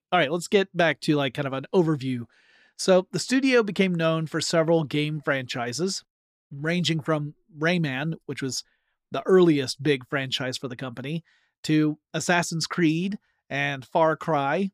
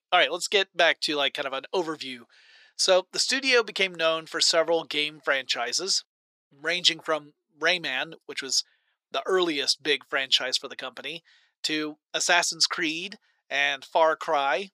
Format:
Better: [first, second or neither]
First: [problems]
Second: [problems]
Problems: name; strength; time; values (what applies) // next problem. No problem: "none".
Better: first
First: none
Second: thin; very; fading below 600 Hz